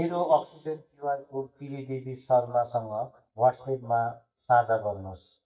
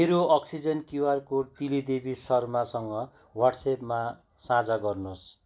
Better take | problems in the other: second | noise reduction (neural mask model DeepFilterNet 3)

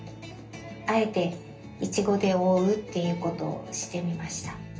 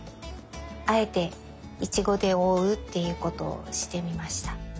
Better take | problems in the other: second | room echo; dies away in 0.3 s

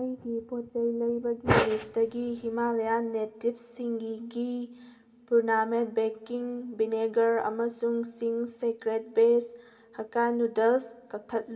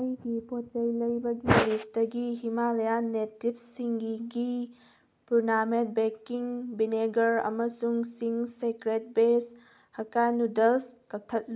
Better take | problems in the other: second | room echo; dies away in 1.7 s

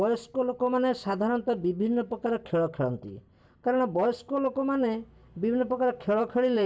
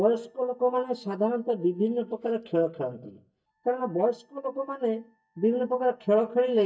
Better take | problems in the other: first | noise reduction (neural mask model DeepFilterNet 3)

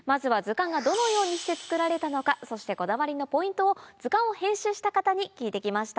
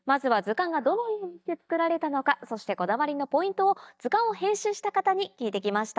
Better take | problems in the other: first | noise reduction (neural mask model DeepFilterNet 3)

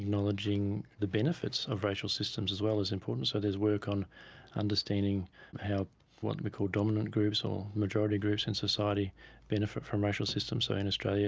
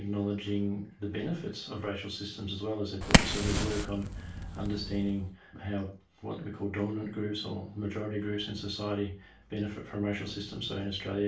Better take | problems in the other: first | background sound (Fire); 5 dB above the speech // room echo; dies away in 0.3 s

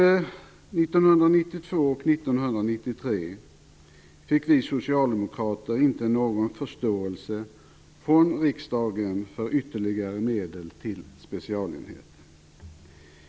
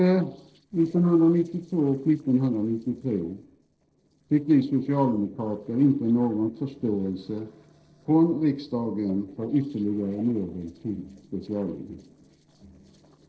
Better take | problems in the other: first | noise reduction (neural separator model SepFormer DNS4)

